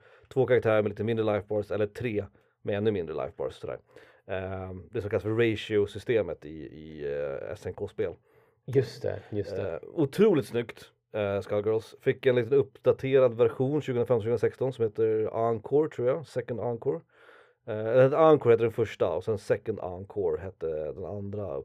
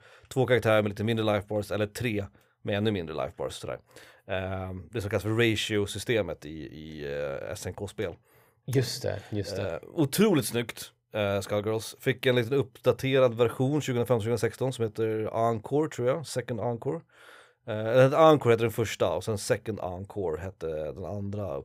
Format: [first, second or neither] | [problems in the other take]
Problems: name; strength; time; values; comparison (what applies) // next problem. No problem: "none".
second | muffled; slightly; fading above 4 kHz